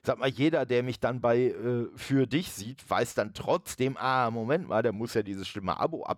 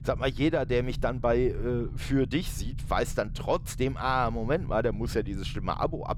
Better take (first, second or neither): first